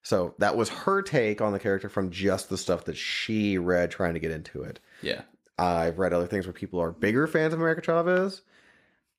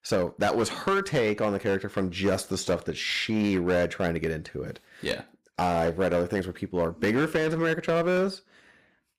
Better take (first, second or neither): first